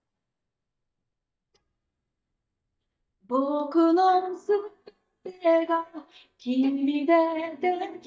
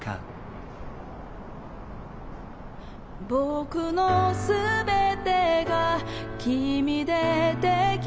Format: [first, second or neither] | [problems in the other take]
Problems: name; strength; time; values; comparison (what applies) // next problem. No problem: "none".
second | noise reduction (neural mask model DeepFilterNet 3)